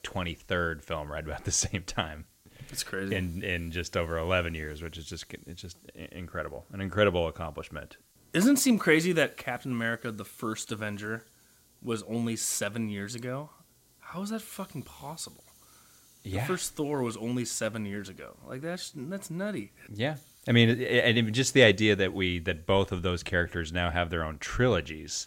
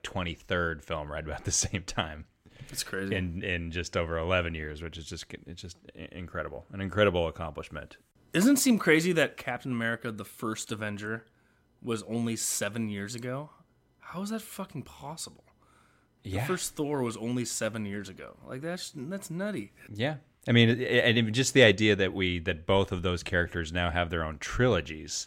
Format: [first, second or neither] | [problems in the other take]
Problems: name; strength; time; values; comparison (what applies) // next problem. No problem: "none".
second | hiss; faint; throughout; 30 dB below the speech